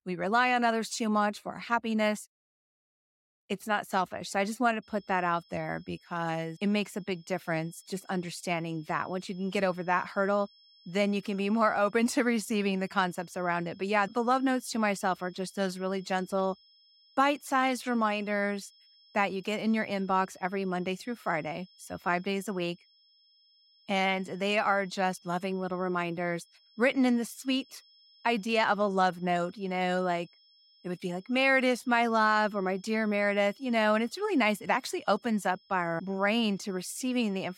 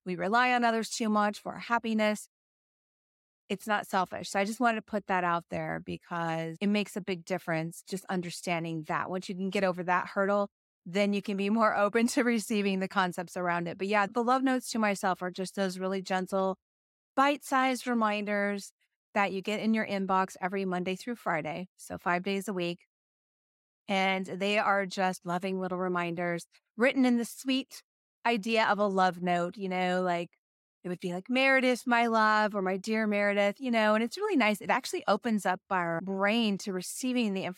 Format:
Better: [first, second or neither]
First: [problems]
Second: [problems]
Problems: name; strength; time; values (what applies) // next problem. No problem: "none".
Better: second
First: high-pitched whine; faint; from 5 s on; 5 kHz, 30 dB below the speech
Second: none